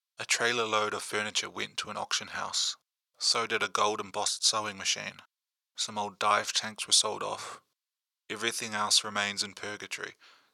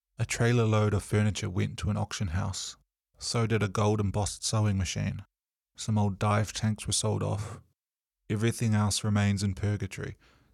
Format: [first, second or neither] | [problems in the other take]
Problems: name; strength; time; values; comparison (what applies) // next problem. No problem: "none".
second | thin; very; fading below 500 Hz